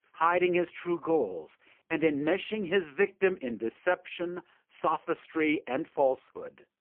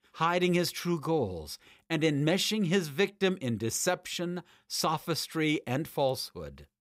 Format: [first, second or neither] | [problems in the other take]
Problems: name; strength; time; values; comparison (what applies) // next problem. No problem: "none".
second | phone-call audio; poor line